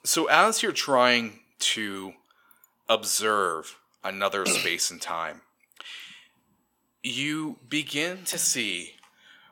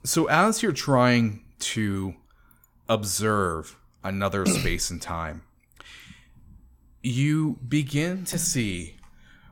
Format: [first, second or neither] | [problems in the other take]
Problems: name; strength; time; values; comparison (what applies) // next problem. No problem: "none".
second | thin; somewhat; fading below 400 Hz